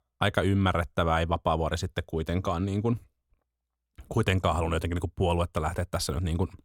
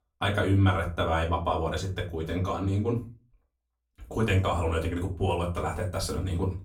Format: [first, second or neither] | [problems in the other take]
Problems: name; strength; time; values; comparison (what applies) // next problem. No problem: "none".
first | off-mic speech; far // room echo; very slight; dies away in 0.3 s